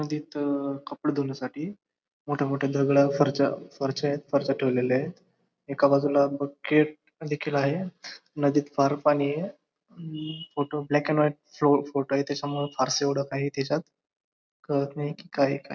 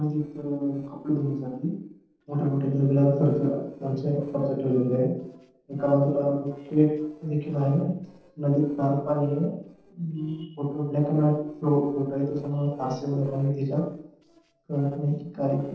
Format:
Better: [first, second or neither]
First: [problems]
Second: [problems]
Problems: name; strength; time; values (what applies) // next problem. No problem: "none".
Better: first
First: none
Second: noise reduction (neural separator model SepFormer DNS4)